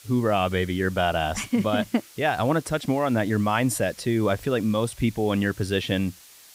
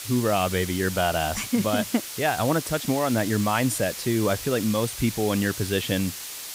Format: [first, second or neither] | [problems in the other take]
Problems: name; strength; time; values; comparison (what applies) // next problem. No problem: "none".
first | hiss; loud; throughout; 8 dB below the speech; faint in the first